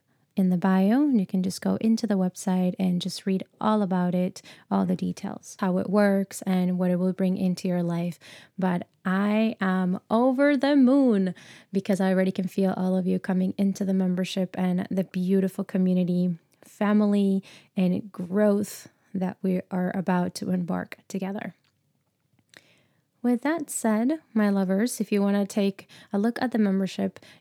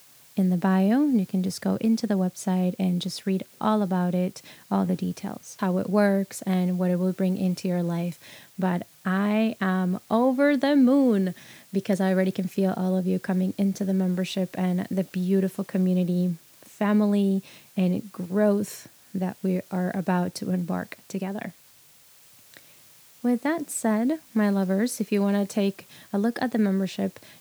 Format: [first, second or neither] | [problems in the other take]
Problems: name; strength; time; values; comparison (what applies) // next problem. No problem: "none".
first | hiss; faint; throughout; 25 dB below the speech